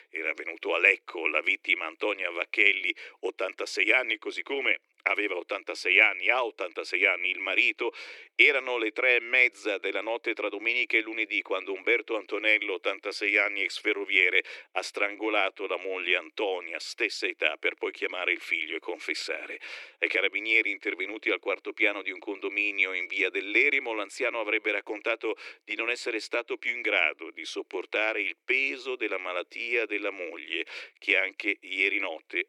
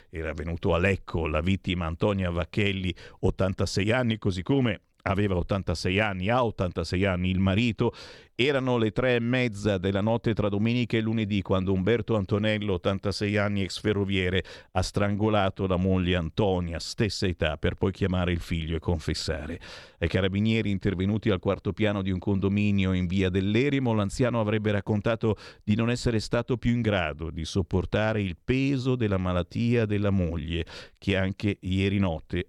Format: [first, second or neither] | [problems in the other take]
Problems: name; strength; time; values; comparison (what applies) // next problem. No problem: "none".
second | thin; very; fading below 300 Hz